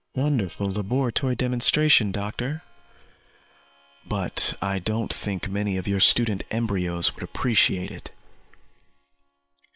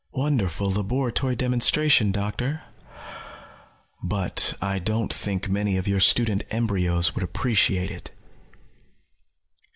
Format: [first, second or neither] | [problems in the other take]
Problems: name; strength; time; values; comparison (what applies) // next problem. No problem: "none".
second | noise reduction (neural separator model SepFormer WHAM!)